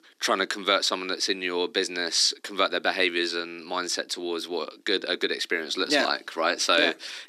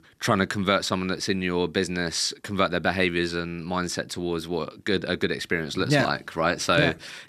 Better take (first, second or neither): second